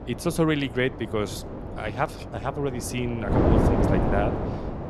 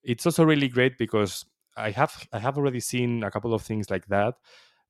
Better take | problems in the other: second | wind noise on the microphone; heavy; 1 dB below the speech

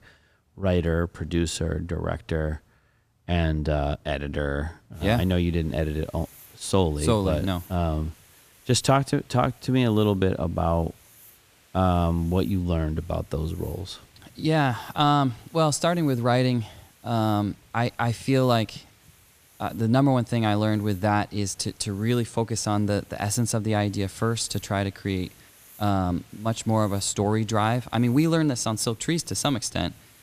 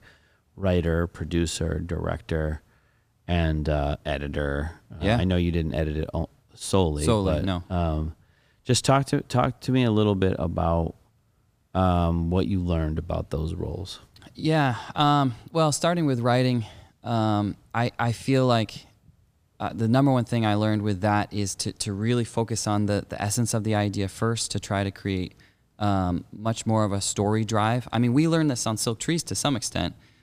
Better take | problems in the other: second | hiss; faint; from 5 s on; 25 dB below the speech

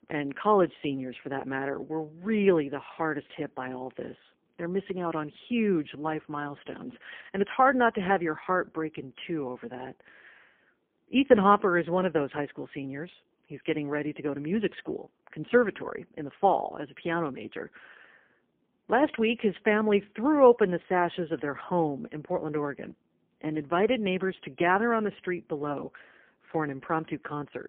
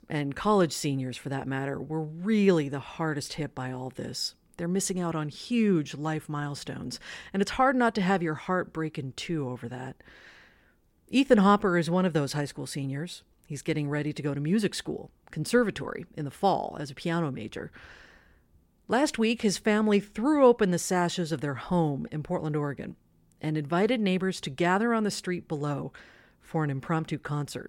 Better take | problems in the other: second | phone-call audio; poor line; nothing above 3 kHz

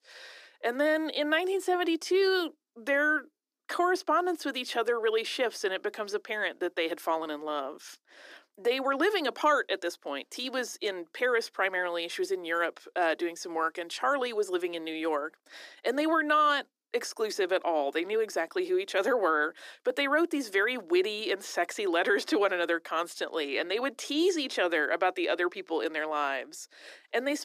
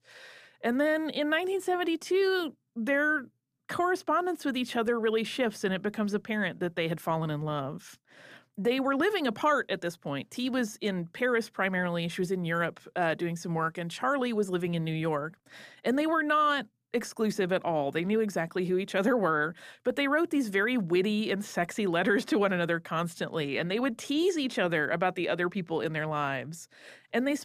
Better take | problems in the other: second | thin; somewhat; fading below 300 Hz

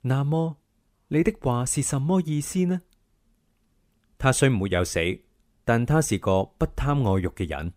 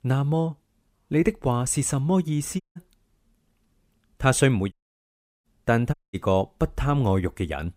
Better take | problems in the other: first | audio cutting out; at 2.5 s, at 4.5 s for 0.5 s and at 6 s

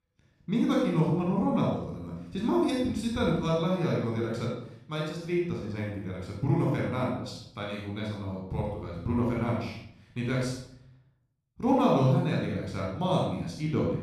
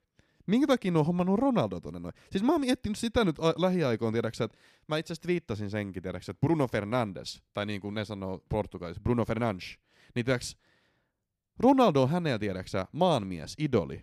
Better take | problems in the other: second | off-mic speech; far // room echo; strong; dies away in 0.6 s

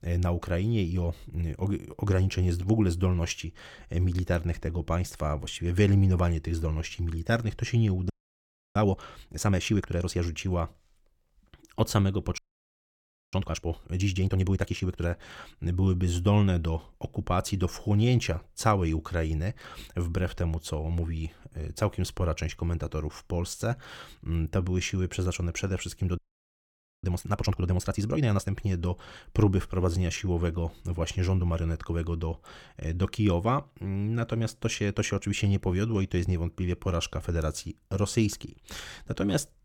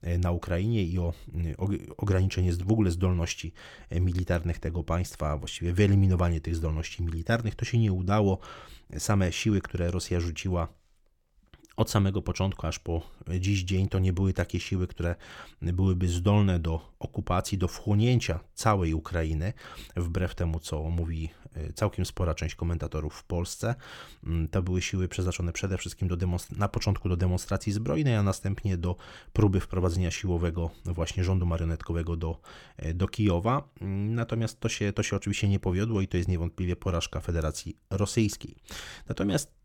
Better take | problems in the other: second | audio freezing; at 8 s for 0.5 s, at 12 s for 1 s and at 26 s for 1 s

